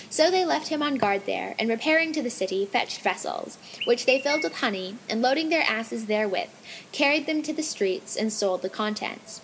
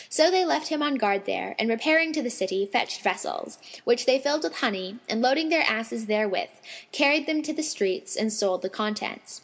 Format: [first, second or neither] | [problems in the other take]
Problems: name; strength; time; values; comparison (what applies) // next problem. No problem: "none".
second | background sound (Chirp, tweet); 15 dB below the speech